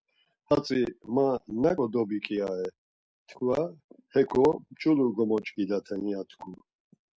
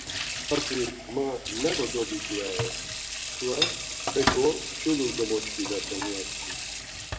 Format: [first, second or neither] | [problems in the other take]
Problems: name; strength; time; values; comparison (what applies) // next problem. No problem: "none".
first | background sound (Sink (filling or washing) / Water tap, faucet); 1 dB below the speech // room echo; dies away in 0.7 s